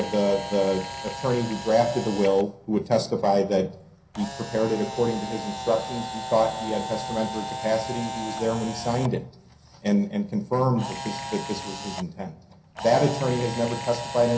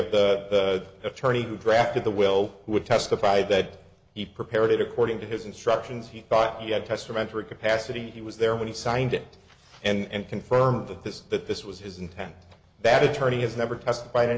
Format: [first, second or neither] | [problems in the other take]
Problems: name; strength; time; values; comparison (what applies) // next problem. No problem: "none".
second | background sound (Camera); 10 dB below the speech // room echo; dies away in 0.3 s